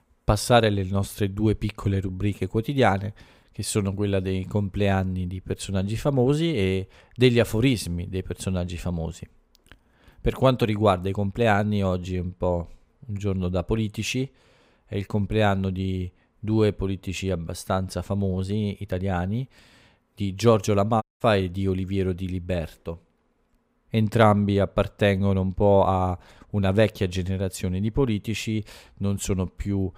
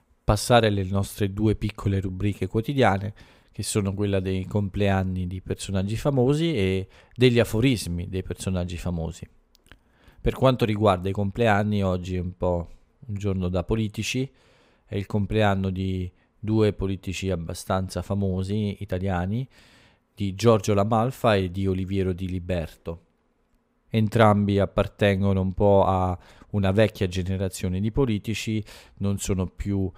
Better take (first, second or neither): second